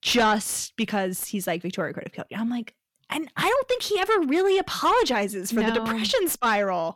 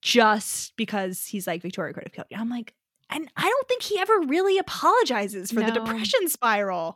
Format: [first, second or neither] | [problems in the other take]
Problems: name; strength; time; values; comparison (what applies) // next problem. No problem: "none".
second | distortion; slight; 10 dB below the speech